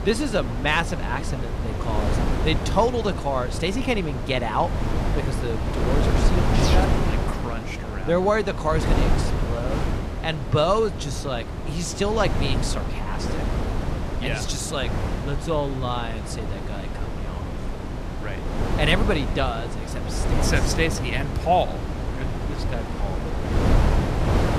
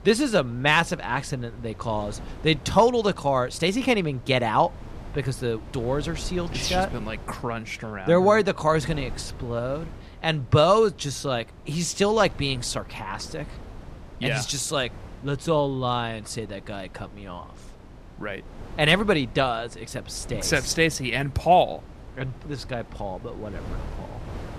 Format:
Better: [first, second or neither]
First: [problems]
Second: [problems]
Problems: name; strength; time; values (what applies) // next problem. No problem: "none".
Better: second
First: wind noise on the microphone; heavy; 5 dB below the speech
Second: wind noise on the microphone; occasional gusts; 25 dB below the speech